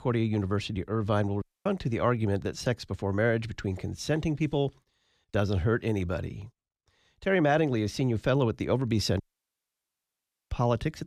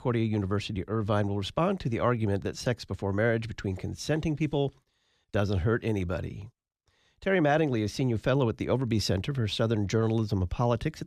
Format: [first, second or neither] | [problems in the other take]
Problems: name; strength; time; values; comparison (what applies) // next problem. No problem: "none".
second | audio cutting out; at 1.5 s and at 9 s for 1.5 s